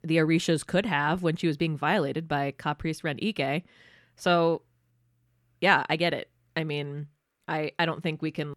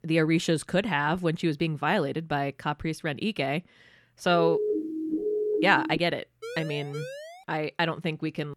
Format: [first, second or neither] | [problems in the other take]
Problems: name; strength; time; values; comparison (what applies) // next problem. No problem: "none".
first | siren; loud; from 4.5 to 6 s; peak level with the speech // siren; faint; from 6.5 to 7.5 s; peak 10 dB below the speech